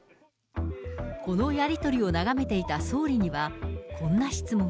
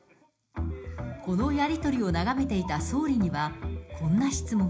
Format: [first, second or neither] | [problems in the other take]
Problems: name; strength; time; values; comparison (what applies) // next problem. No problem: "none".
first | room echo; dies away in 0.4 s